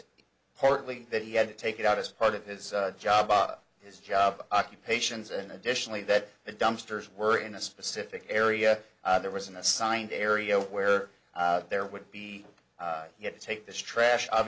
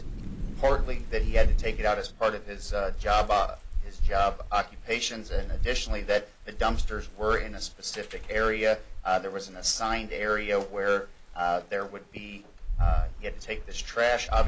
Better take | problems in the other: first | background sound (Thunder / Rain); as loud as the speech

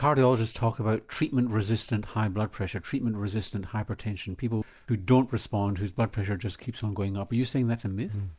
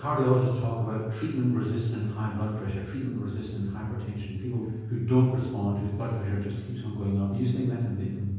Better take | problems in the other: first | room echo; dies away in 1.3 s

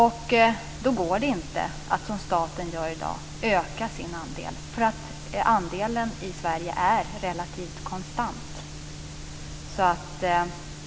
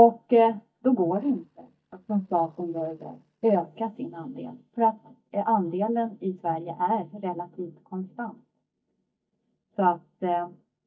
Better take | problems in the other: first | noise reduction (neural mask model DeepFilterNet 3)

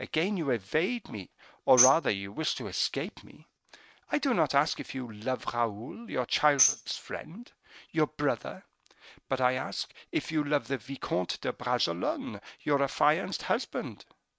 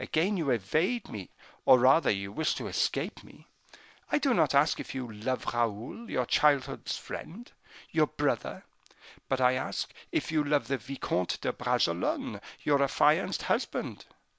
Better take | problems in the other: second | noise reduction (neural mask model RNNoise)

